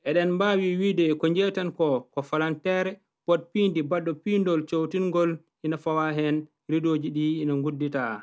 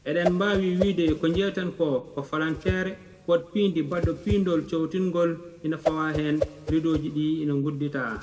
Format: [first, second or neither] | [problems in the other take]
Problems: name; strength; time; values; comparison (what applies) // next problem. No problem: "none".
first | background sound (Whoosh, swoosh, swish); 9 dB below the speech // room echo; dies away in 1 s